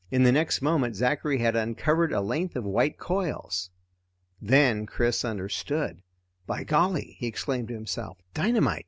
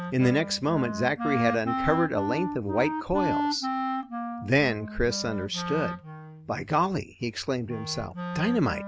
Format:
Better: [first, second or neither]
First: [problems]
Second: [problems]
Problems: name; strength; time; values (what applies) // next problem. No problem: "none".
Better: first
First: none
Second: background sound (Wind instrument, woodwind instrument); 5 dB below the speech